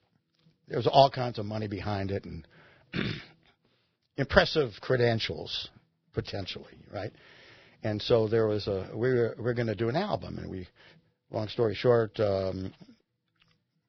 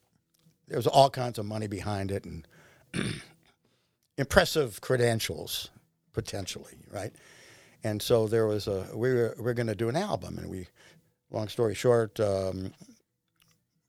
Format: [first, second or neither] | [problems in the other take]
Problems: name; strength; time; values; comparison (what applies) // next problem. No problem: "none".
second | garbled, watery; badly; nothing above 5.5 kHz